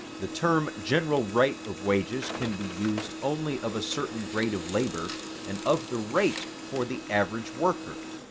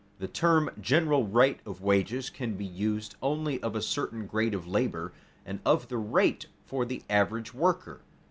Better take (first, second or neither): second